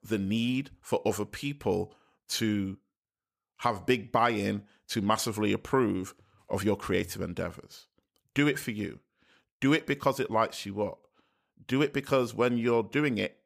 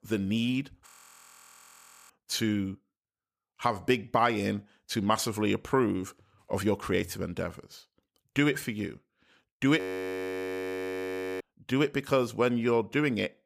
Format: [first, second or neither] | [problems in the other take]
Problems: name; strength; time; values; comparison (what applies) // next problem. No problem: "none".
first | audio freezing; at 1 s for 1 s and at 10 s for 1.5 s